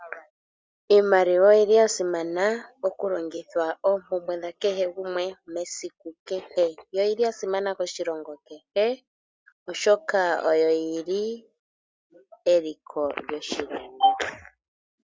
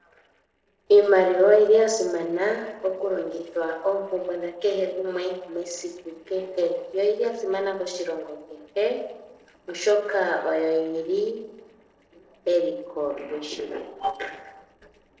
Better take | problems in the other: first | noise reduction (neural separator model SepFormer DNS4)

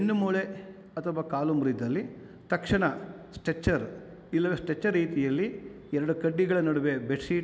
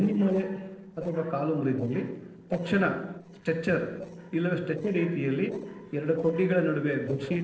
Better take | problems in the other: first | noise reduction (neural separator model SepFormer DNS4)

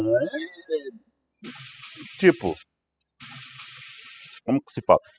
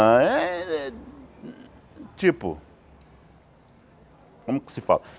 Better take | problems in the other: second | noise reduction (classical method spectral subtraction)

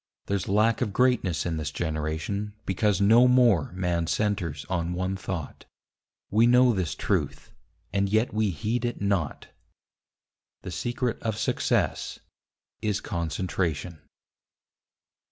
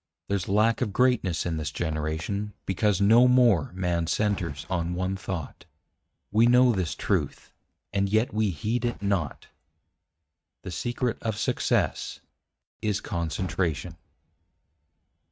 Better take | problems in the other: first | noise reduction (neural mask model RNNoise)

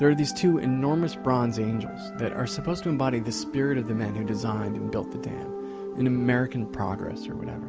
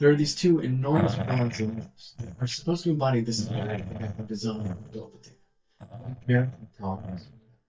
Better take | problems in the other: first | noise reduction (neural mask model DeepFilterNet 3)

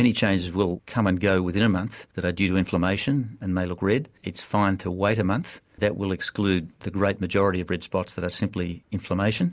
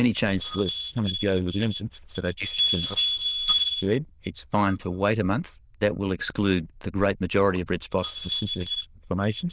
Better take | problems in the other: first | noise reduction (neural diffusion model UNIVERSE++)

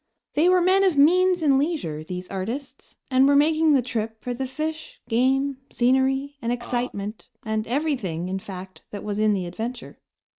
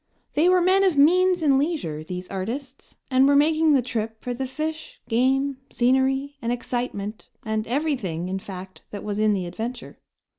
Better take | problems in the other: second | noise reduction (neural mask model RNNoise)

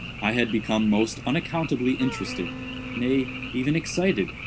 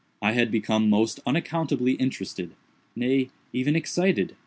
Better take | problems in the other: second | background sound (Wind instrument, woodwind instrument + Frog); 10 dB below the speech

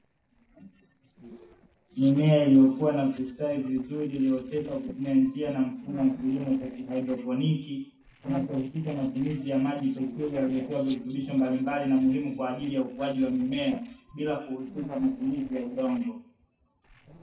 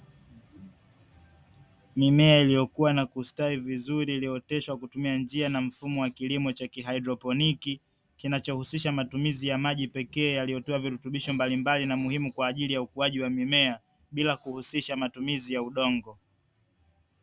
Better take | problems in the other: second | noise reduction (neural separator model SepFormer DNS4)

